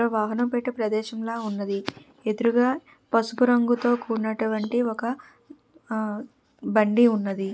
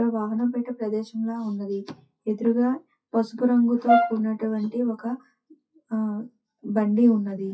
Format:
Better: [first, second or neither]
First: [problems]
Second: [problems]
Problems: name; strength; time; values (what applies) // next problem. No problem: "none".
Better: first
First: none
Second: noise reduction (classical method WPE with log-MMSE)